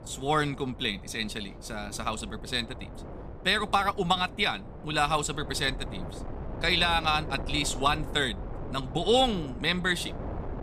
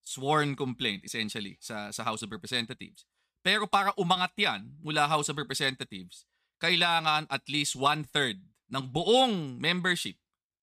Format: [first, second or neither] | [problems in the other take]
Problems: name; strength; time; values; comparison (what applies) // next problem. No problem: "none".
second | wind noise on the microphone; occasional gusts; 15 dB below the speech